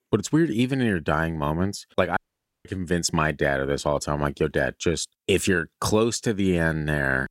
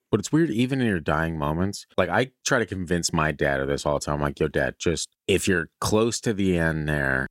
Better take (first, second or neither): second